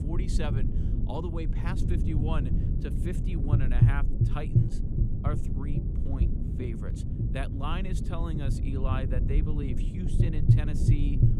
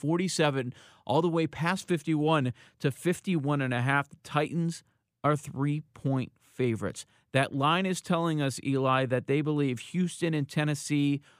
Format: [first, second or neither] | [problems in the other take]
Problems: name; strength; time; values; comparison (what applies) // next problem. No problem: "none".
second | low rumble; loud; throughout; as loud as the speech